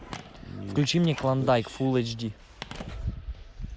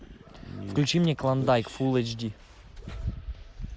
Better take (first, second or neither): second